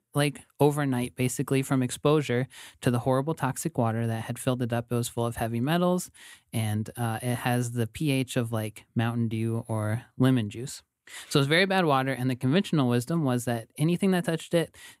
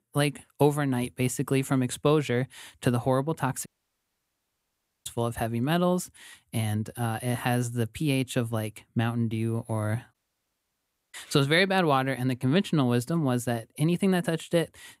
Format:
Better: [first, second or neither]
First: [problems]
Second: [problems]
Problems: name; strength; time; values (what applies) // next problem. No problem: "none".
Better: first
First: none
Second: audio cutting out; at 3.5 s for 1.5 s and at 10 s for 1 s